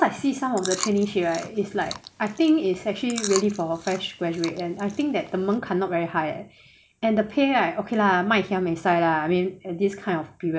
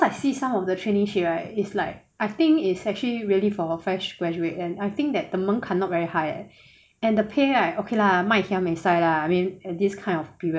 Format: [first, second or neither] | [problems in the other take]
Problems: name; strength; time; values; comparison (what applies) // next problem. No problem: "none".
second | background sound (Chewing, mastication); 13 dB below the speech